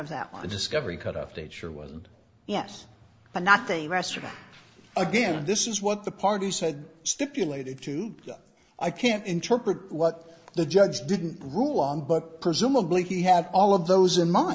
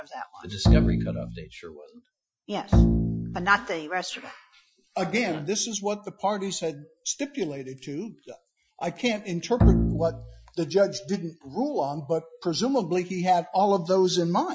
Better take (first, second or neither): first